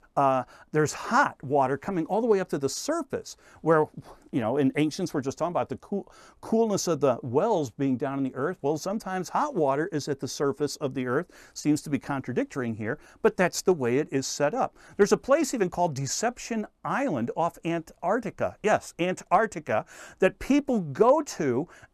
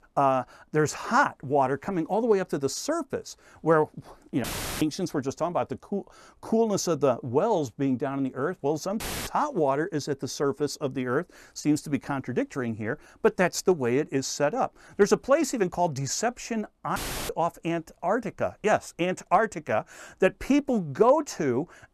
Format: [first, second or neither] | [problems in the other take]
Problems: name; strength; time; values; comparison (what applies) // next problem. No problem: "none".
first | audio cutting out; filled with static; at 4.5 s, at 9 s and at 17 s